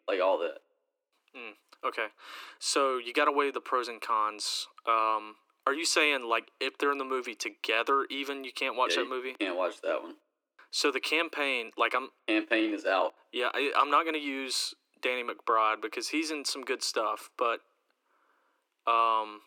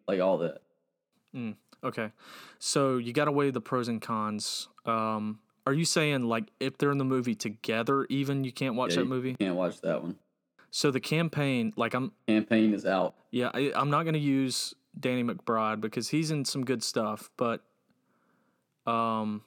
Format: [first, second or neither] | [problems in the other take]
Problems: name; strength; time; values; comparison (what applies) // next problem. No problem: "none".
second | thin; very; fading below 300 Hz